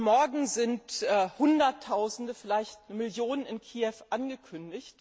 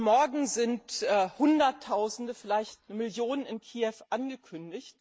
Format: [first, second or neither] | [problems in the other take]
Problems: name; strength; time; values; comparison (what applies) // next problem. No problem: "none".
first | noise reduction (neural mask model Resemble Enhance denoiser)